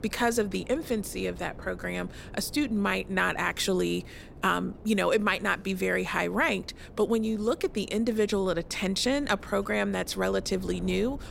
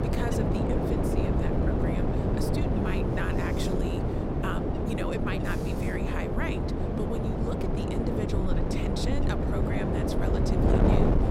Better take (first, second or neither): first